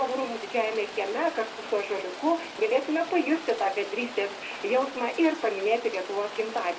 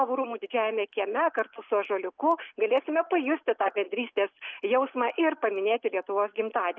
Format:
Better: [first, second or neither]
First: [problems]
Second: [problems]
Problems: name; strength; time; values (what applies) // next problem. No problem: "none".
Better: second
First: background sound (Rain); 12 dB below the speech // room echo; dies away in 0.3 s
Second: none